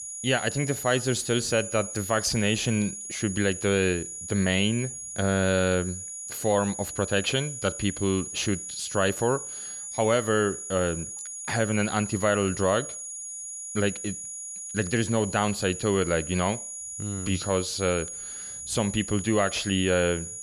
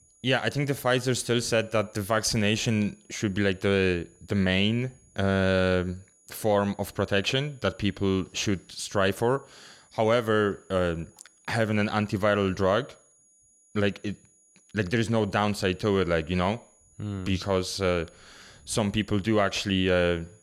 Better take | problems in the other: second | high-pitched whine; loud; throughout; 7 kHz, 8 dB below the speech; faint in the second

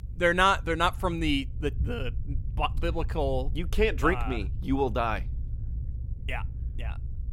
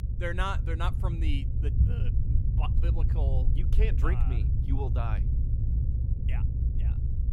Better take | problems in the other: first | low rumble; loud; throughout; 6 dB below the speech; faint in the first

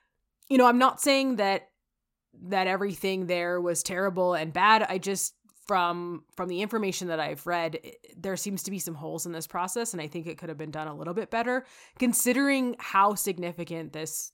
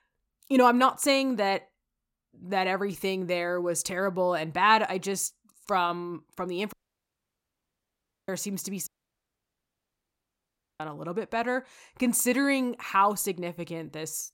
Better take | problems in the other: first | audio cutting out; at 6.5 s for 1.5 s and at 9 s for 2 s

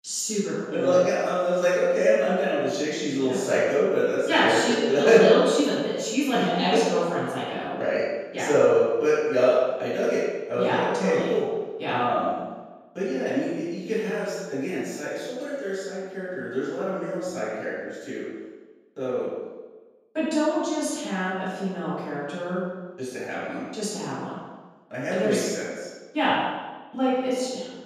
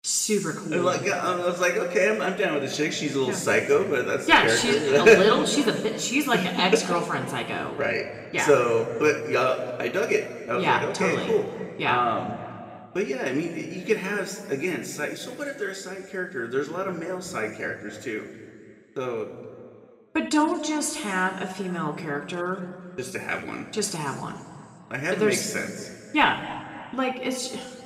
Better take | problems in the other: second | room echo; strong; dies away in 1.2 s; slight in the second // off-mic speech; far; somewhat distant in the second

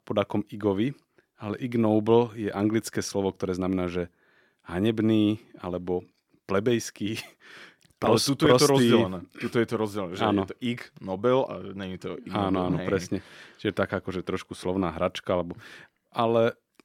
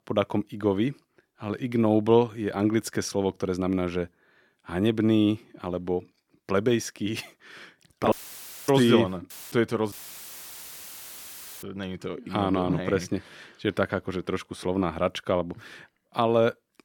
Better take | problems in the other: first | audio cutting out; filled with static; at 8 s for 0.5 s, at 9.5 s and at 10 s for 1.5 s

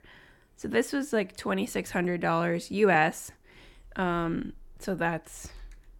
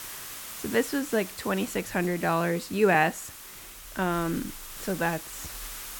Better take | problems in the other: first | hiss; noticeable; throughout; 10 dB below the speech

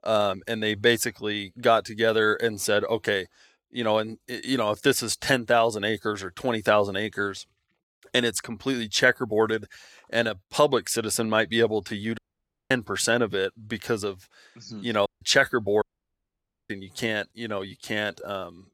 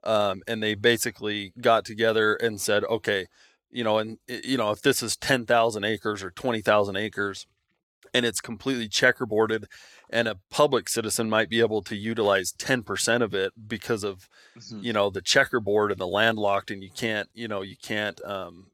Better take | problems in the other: second | audio cutting out; at 12 s for 0.5 s, at 15 s and at 16 s for 1 s

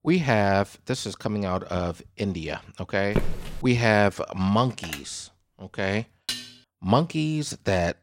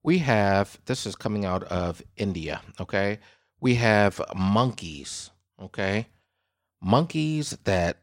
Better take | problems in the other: second | footsteps; noticeable; at 3 s; peak 4 dB below the speech // phone ringing; faint; at 4.5 s; peak 10 dB below the speech // clattering dishes; noticeable; at 6.5 s; peak 6 dB below the speech

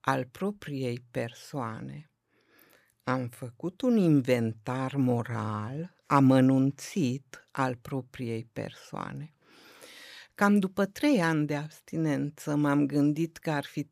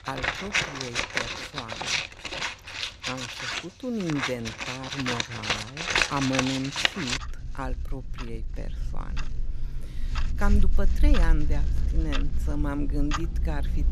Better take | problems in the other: first | household noises; very loud; throughout; 5 dB above the speech

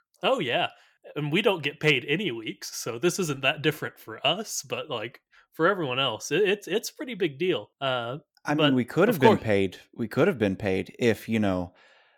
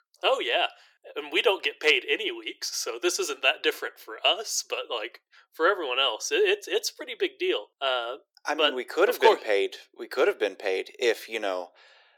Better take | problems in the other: first | thin; very; fading below 350 Hz

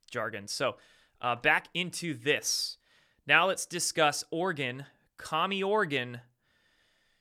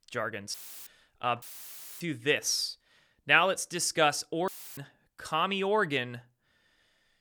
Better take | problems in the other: first | audio cutting out; filled with static; at 0.5 s, at 1.5 s for 0.5 s and at 4.5 s

